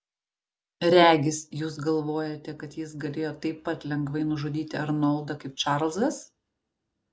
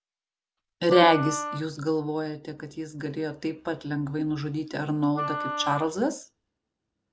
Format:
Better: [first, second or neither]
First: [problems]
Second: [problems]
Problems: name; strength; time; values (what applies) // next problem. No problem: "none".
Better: first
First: none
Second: background sound (Wind instrument, woodwind instrument); 7 dB below the speech